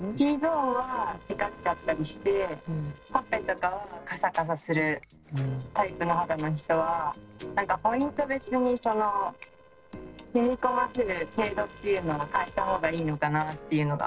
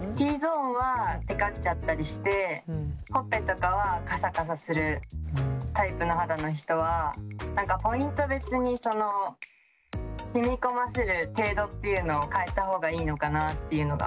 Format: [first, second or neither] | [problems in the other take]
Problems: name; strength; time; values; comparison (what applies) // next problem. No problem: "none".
second | noise reduction (neural separator model SepFormer DNS4)